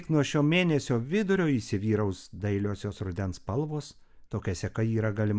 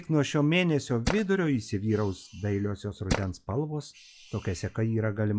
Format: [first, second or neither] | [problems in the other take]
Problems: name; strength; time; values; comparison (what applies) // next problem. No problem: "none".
first | noise reduction (classical method log-MMSE)